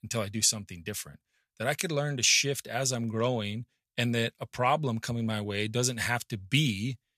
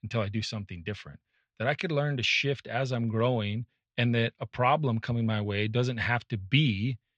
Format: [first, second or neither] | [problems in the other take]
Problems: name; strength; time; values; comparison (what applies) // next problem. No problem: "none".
first | muffled; slightly; fading above 3.5 kHz